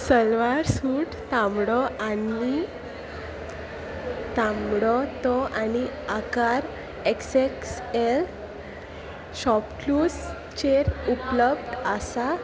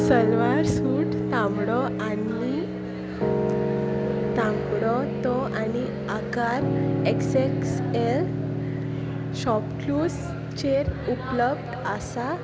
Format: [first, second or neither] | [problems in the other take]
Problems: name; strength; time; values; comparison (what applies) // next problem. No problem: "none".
first | background sound (Piano); as loud as the speech